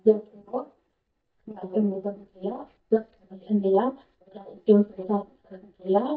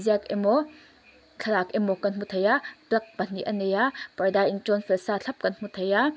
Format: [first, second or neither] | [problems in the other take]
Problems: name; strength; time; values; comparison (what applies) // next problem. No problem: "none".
second | noise reduction (neural mask model DeepFilterNet 3)